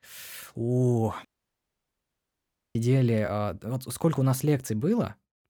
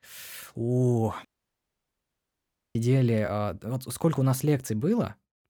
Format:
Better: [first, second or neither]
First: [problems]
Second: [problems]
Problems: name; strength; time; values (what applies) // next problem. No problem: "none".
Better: neither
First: audio cutting out; at 1.5 s for 1.5 s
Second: audio cutting out; at 1.5 s for 1.5 s